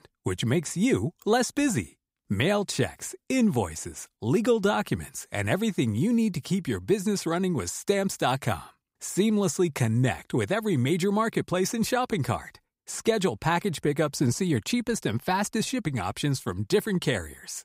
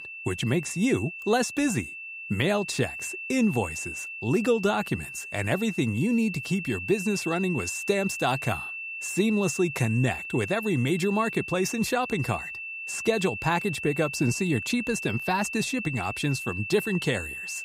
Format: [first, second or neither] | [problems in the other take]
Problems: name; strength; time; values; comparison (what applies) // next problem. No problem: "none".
first | high-pitched whine; loud; throughout; 2.5 kHz, 7 dB below the speech